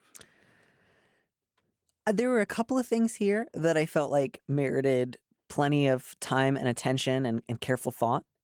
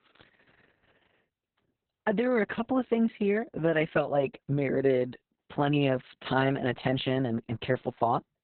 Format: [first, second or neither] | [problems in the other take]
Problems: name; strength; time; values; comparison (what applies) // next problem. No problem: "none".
first | garbled, watery; badly; nothing above 4 kHz; slightly in the first